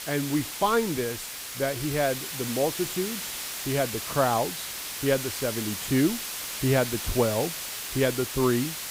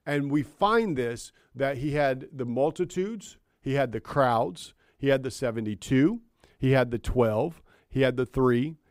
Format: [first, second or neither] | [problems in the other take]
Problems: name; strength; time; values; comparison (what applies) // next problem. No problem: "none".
second | hiss; loud; throughout; 5 dB below the speech